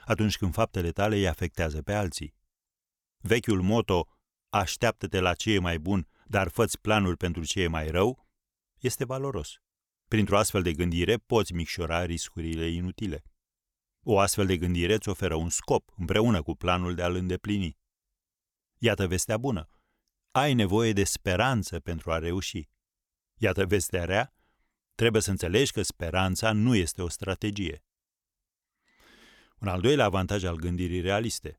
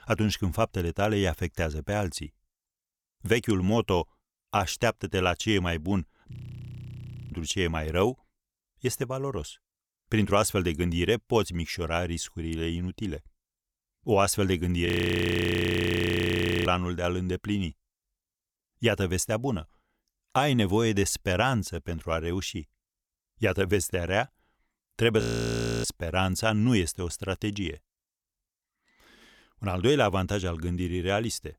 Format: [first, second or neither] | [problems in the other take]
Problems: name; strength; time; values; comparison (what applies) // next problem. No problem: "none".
first | audio freezing; at 6.5 s for 1 s, at 15 s for 2 s and at 25 s for 0.5 s